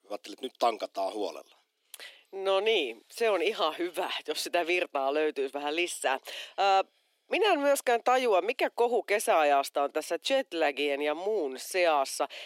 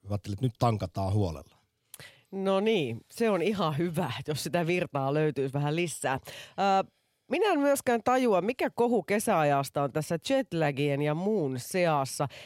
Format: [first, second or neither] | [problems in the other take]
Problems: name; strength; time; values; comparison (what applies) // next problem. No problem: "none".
second | thin; somewhat; fading below 300 Hz